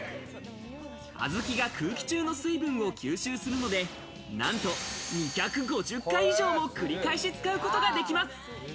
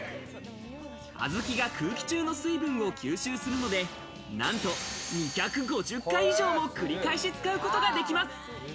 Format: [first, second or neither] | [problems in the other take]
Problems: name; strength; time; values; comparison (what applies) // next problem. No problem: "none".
first | background sound (Trumpet); 17 dB below the speech